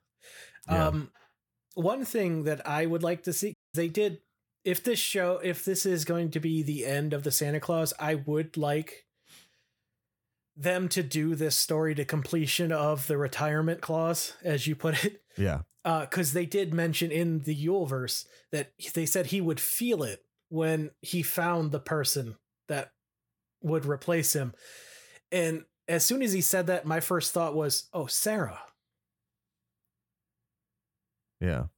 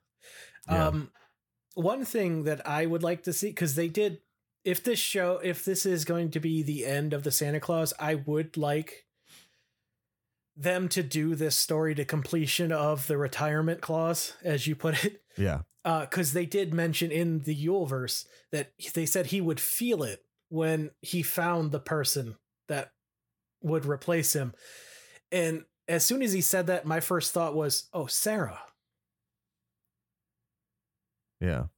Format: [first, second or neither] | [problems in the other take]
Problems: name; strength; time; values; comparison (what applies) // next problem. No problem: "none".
second | audio cutting out; at 3.5 s